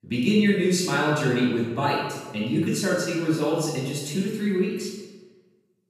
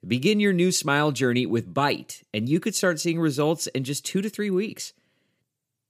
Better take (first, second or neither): second